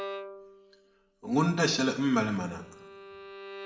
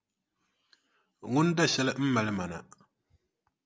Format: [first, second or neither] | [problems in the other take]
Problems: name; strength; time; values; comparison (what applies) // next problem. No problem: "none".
second | background sound (Bowed string instrument); 14 dB below the speech // room echo; dies away in 0.7 s